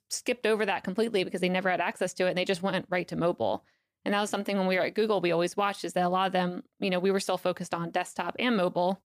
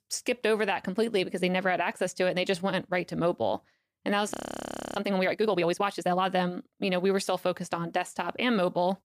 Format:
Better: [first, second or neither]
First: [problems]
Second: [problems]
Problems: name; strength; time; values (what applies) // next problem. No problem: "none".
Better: first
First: none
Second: audio freezing; at 4.5 s for 0.5 s